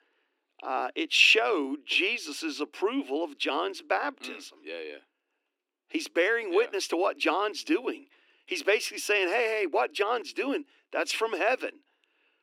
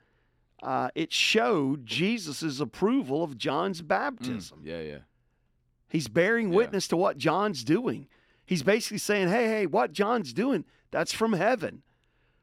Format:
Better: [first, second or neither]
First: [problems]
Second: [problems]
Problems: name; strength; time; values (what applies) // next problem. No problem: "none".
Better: second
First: thin; somewhat; fading below 300 Hz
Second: none